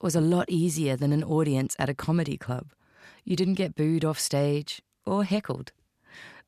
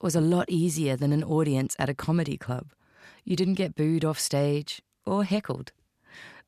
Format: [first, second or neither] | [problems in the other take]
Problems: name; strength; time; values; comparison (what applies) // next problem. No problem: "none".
neither | none